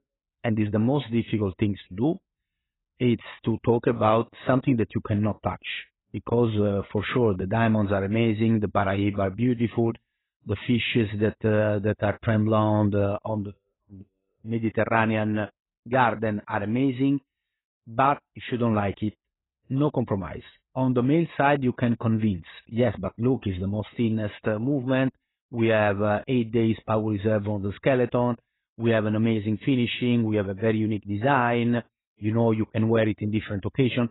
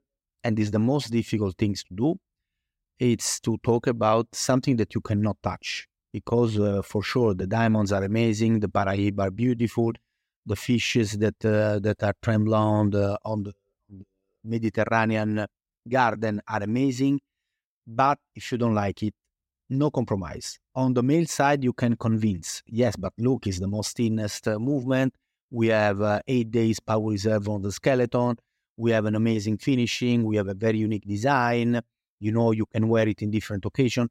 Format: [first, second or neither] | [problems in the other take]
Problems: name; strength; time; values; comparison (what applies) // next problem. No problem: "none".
second | garbled, watery; badly; nothing above 4 kHz